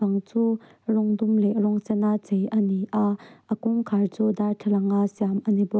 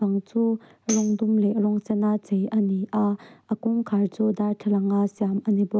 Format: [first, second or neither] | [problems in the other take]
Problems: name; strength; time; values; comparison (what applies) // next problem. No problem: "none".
first | background sound (Tambourine); 16 dB below the speech